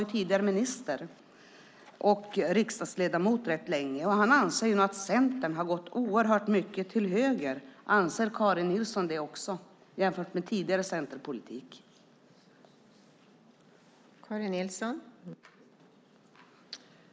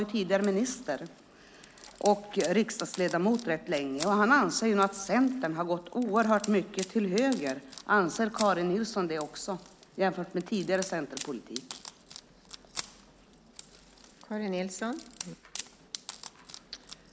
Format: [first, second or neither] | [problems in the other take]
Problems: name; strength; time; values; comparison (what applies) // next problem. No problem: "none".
first | background sound (Wood); 17 dB below the speech